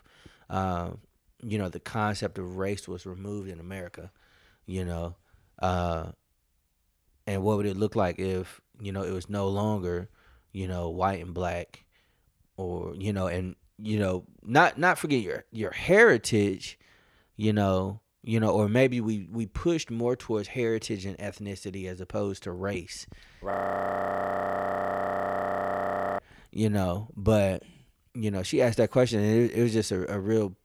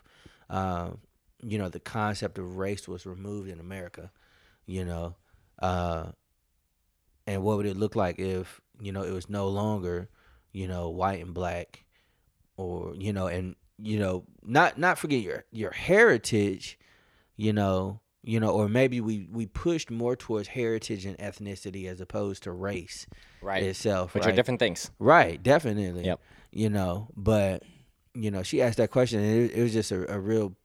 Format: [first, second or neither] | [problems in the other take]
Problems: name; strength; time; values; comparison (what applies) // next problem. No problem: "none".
second | audio freezing; at 24 s for 2.5 s